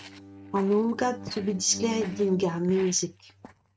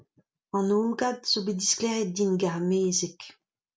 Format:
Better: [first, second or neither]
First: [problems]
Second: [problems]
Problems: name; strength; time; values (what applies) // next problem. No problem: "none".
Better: second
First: noise reduction (neural mask model RNNoise)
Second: none